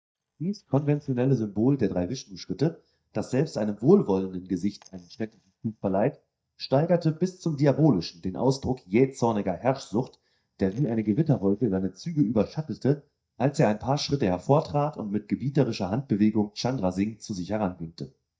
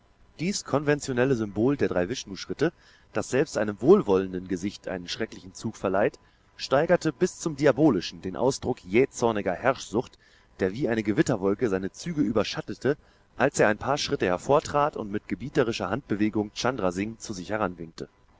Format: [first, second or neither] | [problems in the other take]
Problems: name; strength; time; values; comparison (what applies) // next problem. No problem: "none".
second | noise reduction (neural mask model DeepFilterNet 3)